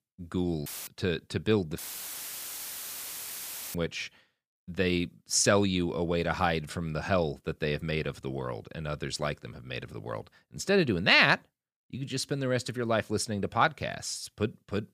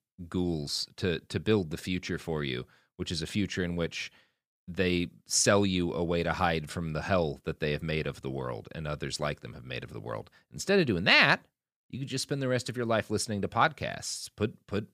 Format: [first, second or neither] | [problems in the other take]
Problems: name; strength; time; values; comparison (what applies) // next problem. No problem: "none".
second | audio cutting out; filled with static; at 0.5 s and at 2 s for 2 s